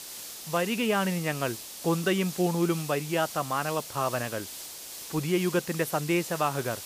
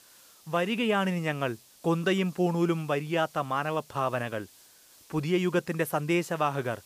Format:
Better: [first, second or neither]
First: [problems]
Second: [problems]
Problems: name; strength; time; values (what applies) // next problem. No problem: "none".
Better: second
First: hiss; loud; throughout; 10 dB below the speech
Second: hiss; faint; throughout; 25 dB below the speech